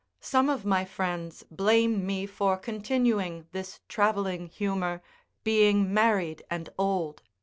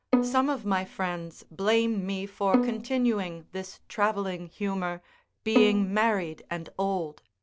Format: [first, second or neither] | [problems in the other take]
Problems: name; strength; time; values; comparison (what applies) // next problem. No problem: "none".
first | background sound (Bowed string instrument); 3 dB below the speech